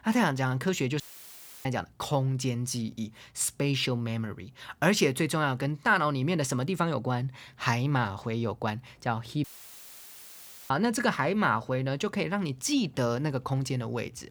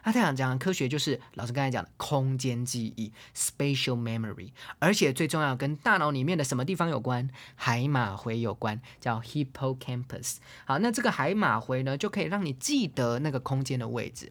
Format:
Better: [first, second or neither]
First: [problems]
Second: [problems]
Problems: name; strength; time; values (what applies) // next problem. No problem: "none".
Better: second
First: audio cutting out; filled with static; at 1 s for 0.5 s and at 9.5 s for 1.5 s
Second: none